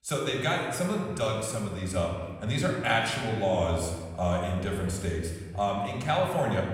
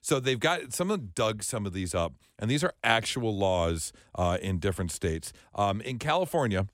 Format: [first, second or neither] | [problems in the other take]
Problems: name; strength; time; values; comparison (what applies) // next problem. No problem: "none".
second | off-mic speech; somewhat distant // room echo; noticeable; dies away in 1.4 s